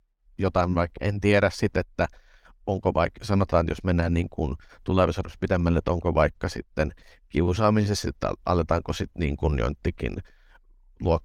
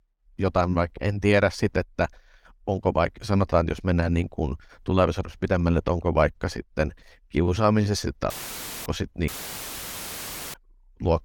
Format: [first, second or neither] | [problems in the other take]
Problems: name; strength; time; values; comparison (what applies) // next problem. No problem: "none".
first | audio cutting out; filled with static; at 8.5 s for 0.5 s and at 9.5 s for 1.5 s